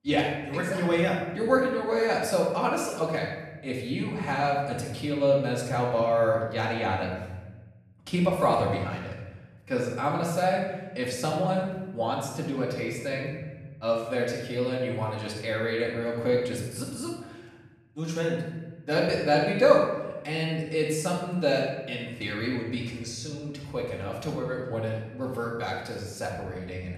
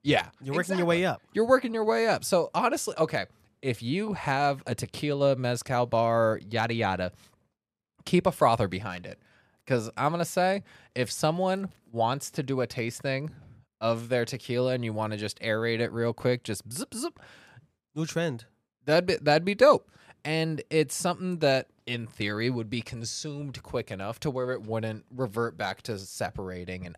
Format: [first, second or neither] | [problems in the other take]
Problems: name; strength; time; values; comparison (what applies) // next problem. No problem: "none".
second | room echo; noticeable; dies away in 1.1 s // off-mic speech; far